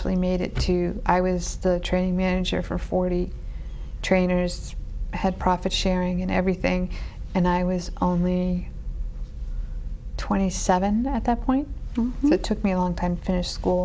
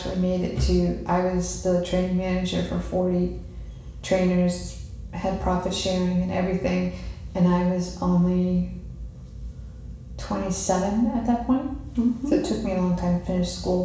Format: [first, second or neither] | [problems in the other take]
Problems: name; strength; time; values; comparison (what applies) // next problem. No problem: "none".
first | room echo; dies away in 0.7 s